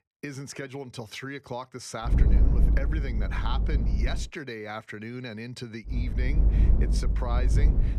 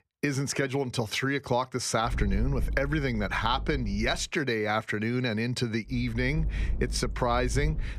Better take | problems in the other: second | low rumble; loud; from 2 to 4 s and from 6 s on; 5 dB below the speech; faint in the second

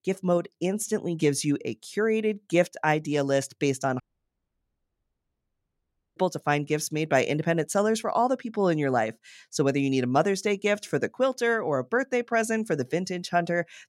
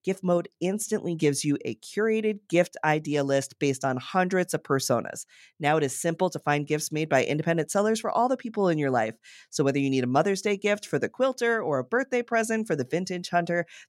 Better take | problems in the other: second | audio cutting out; at 4 s for 2 s

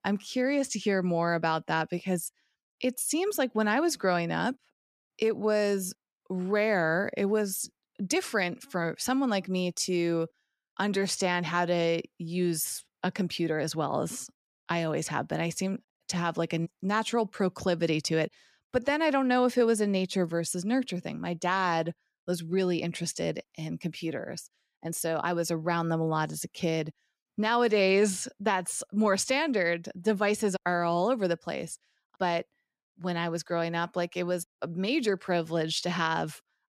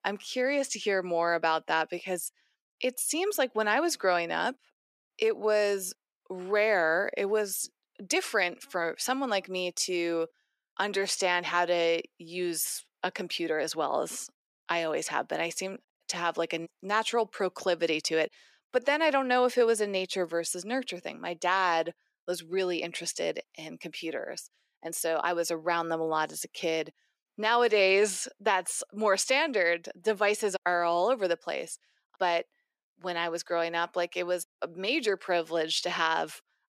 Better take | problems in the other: first | thin; somewhat; fading below 450 Hz

